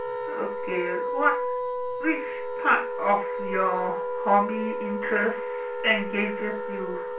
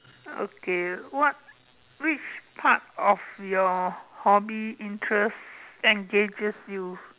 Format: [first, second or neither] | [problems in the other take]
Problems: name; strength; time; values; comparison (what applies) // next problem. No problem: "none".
second | background sound (Wind instrument, woodwind instrument); 3 dB below the speech // room echo; dies away in 0.3 s